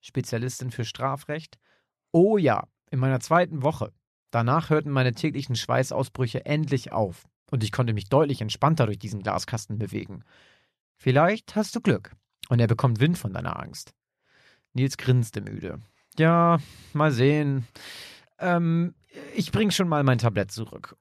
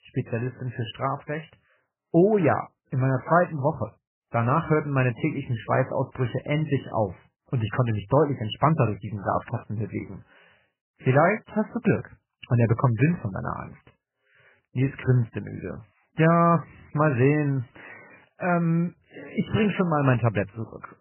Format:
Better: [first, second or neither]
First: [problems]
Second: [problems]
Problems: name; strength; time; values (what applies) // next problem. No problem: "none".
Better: first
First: none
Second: garbled, watery; badly; nothing above 3 kHz